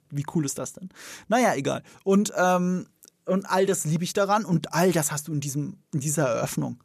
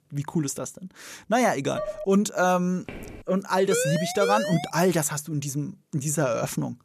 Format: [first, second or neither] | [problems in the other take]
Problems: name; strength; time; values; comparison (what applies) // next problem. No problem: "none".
first | clattering dishes; noticeable; at 2 s; peak 8 dB below the speech // footsteps; faint; at 3 s; peak 15 dB below the speech // siren; noticeable; from 3.5 to 4.5 s; peak 1 dB below the speech